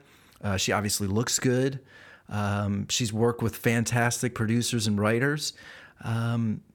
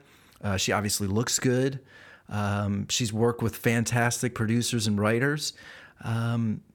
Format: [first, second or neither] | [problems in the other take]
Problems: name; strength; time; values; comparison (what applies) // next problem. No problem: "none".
neither | none